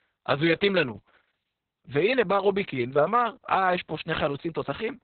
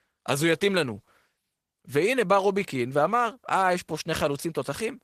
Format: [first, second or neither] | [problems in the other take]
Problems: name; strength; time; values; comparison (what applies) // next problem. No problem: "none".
second | garbled, watery; badly; nothing above 4 kHz; slightly in the second